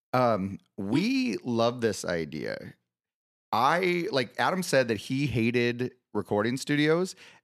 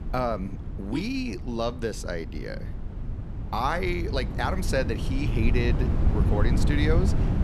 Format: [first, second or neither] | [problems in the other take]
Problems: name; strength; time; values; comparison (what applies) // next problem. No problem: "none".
first | wind noise on the microphone; heavy; 9 dB below the speech